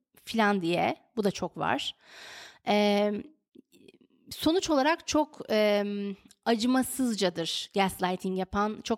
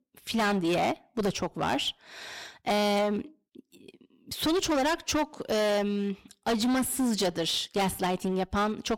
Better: first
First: none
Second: distortion; heavy; 16% of the sound clipped

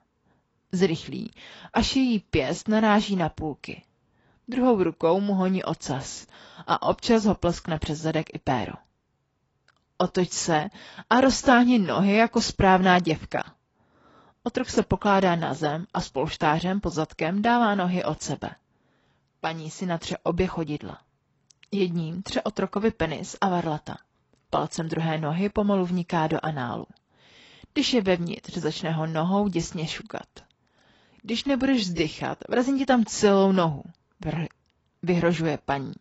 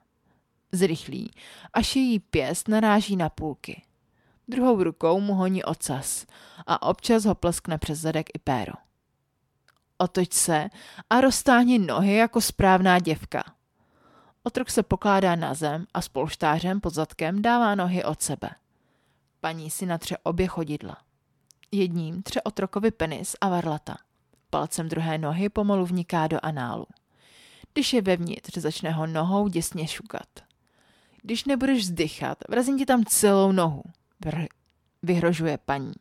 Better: second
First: garbled, watery; badly; nothing above 7.5 kHz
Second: none

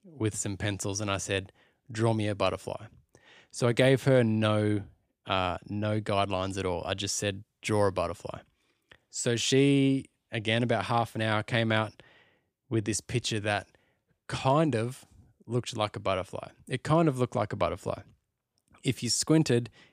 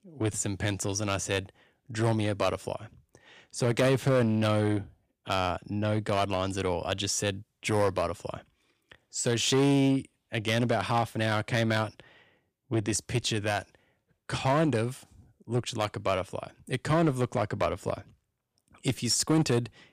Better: first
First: none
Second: distortion; slight; 5% of the sound clipped

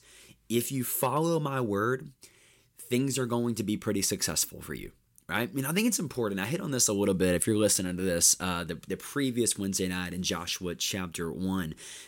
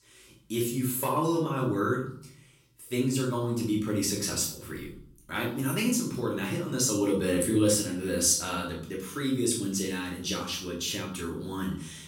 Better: first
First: none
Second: off-mic speech; far // room echo; noticeable; dies away in 0.5 s

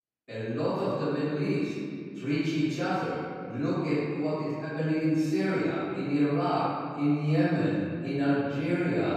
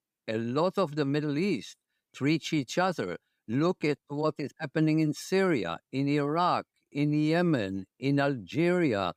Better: second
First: off-mic speech; far // room echo; strong; dies away in 2.1 s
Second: none

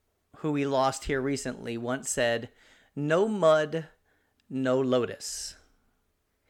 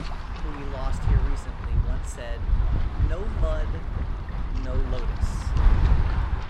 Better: first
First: none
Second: wind noise on the microphone; heavy; 1 dB above the speech

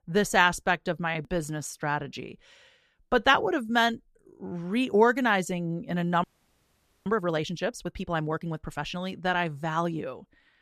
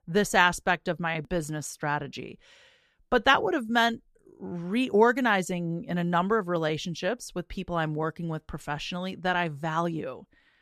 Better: second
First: audio freezing; at 6 s for 1 s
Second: none

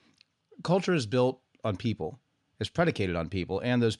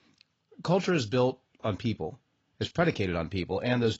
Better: first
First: none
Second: garbled, watery; badly; nothing above 7.5 kHz

